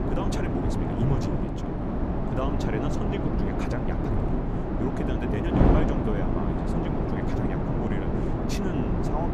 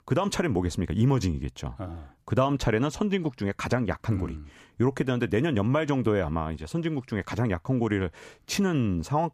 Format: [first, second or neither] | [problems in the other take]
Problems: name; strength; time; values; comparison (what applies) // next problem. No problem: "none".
second | wind noise on the microphone; heavy; 4 dB above the speech